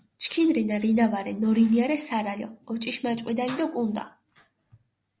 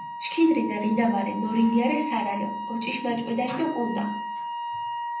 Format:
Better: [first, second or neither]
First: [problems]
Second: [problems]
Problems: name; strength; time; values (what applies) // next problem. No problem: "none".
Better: first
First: none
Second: background sound (Wind instrument, woodwind instrument); 7 dB below the speech // room echo; dies away in 0.6 s